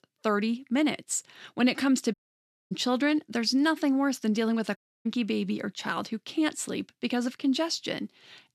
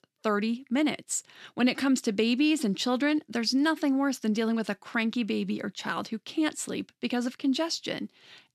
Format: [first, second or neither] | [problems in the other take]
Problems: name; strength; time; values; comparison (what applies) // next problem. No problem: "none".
second | audio cutting out; at 2 s for 0.5 s and at 5 s